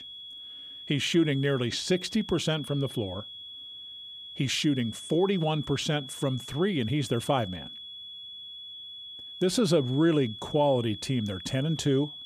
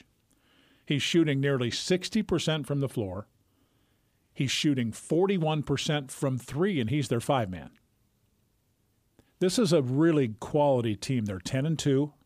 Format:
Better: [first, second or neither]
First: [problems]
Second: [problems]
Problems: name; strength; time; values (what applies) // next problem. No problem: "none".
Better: second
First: high-pitched whine; noticeable; throughout; 3.5 kHz, 10 dB below the speech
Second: none